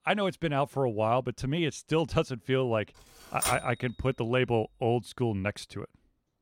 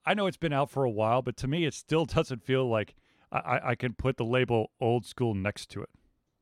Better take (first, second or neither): second